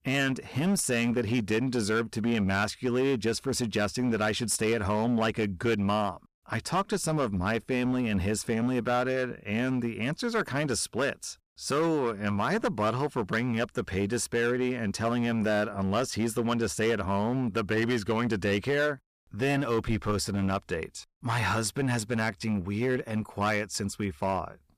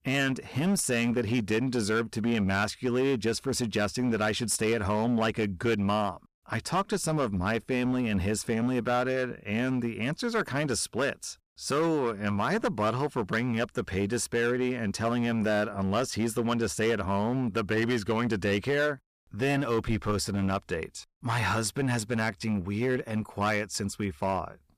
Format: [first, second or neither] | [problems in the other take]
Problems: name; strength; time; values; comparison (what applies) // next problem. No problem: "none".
neither | distortion; slight; 9% of the sound clipped; the same in both